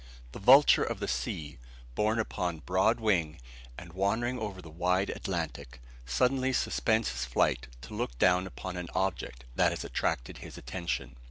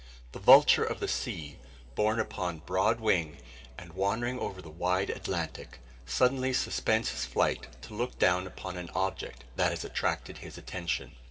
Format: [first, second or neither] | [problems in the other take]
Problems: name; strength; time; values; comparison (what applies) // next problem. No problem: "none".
first | room echo; dies away in 1.7 s